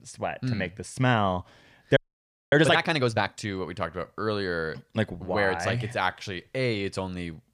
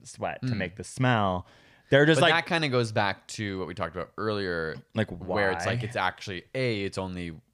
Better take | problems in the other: second | audio freezing; at 2 s for 0.5 s

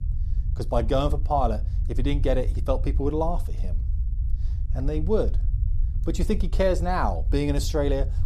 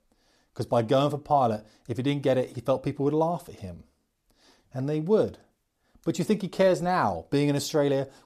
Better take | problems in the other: second | low rumble; faint; throughout; 20 dB below the speech

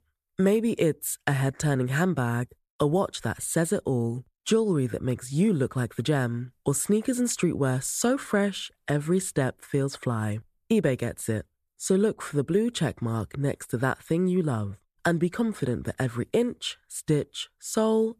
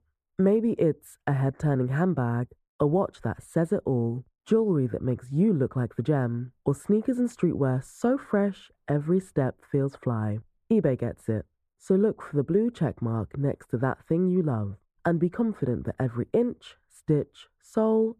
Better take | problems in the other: first | muffled; very; fading above 2 kHz

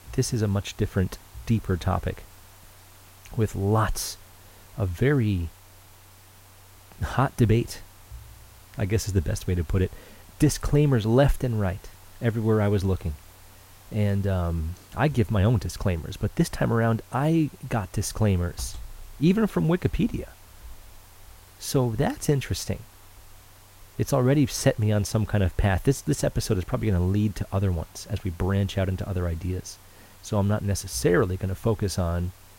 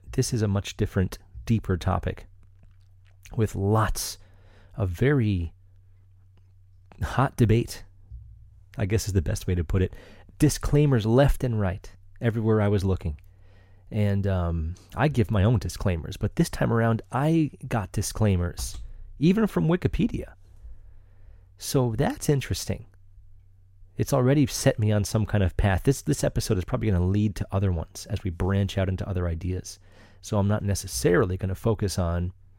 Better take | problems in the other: second | hiss; faint; throughout; 25 dB below the speech

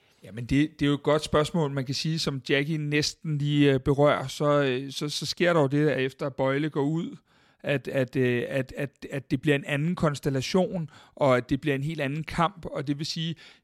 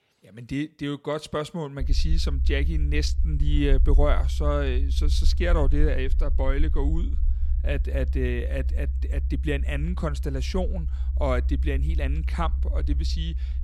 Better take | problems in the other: first | low rumble; noticeable; from 2 s on; 15 dB below the speech

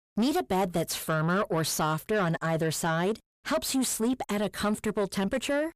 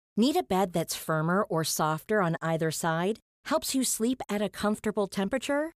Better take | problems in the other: second | distortion; slight; 10 dB below the speech

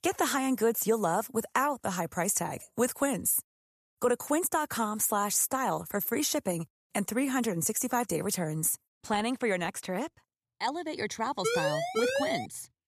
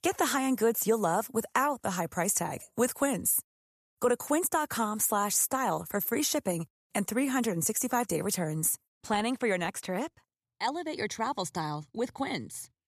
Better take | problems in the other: second | siren; loud; from 11 s on; peak level with the speech

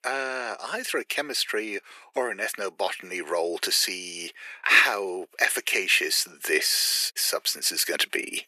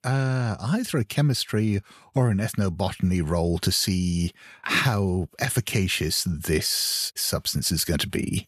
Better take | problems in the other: second | thin; very; fading below 350 Hz

